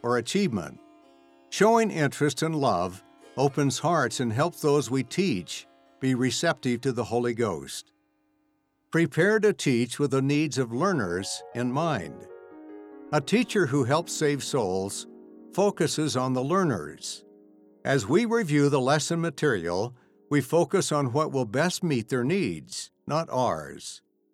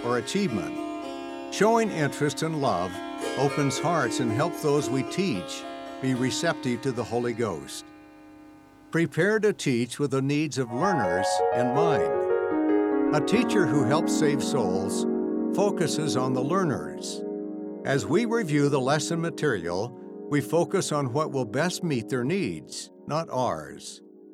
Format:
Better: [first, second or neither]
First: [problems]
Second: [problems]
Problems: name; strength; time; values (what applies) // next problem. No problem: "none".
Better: first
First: background music; faint; throughout; 25 dB below the speech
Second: background music; loud; throughout; 3 dB below the speech